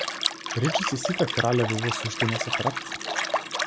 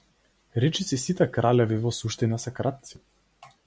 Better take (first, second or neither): second